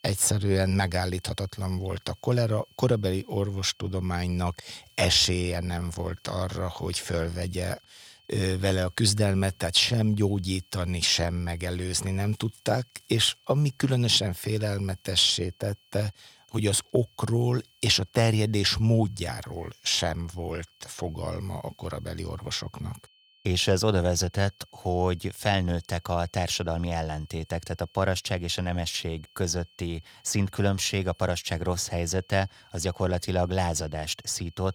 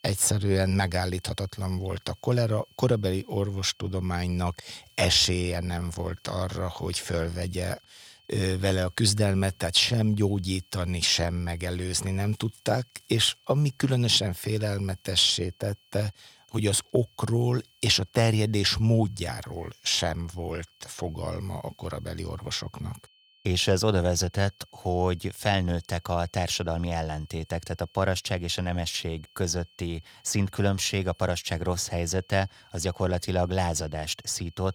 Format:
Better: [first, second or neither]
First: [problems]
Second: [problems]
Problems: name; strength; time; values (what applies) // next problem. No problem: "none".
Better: neither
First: high-pitched whine; faint; throughout; 3 kHz, 30 dB below the speech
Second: high-pitched whine; faint; throughout; 3 kHz, 30 dB below the speech